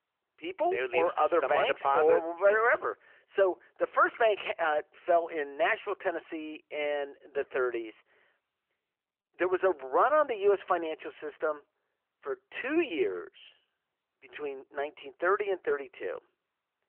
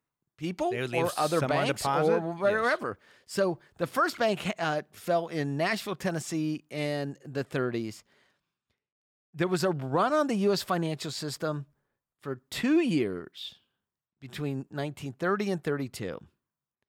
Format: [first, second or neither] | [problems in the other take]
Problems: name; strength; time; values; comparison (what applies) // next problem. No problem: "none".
second | phone-call audio; nothing above 3 kHz